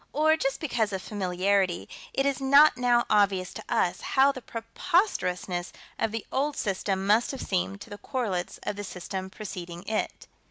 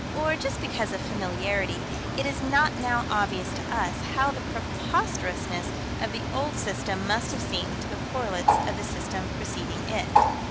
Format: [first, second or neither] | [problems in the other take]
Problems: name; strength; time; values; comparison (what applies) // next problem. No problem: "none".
first | background sound (Bird); 1 dB above the speech